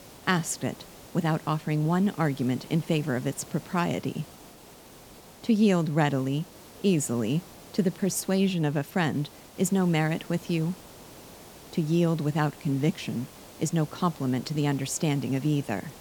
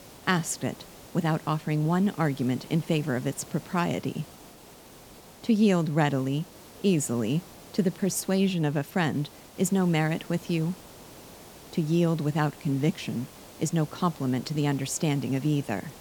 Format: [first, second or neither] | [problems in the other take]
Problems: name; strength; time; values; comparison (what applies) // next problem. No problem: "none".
neither | hiss; noticeable; throughout; 20 dB below the speech; the same in both